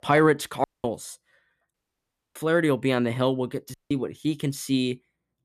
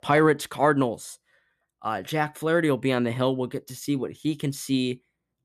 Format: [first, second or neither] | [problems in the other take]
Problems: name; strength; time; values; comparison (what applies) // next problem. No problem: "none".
second | audio cutting out; at 0.5 s, at 1.5 s for 0.5 s and at 3.5 s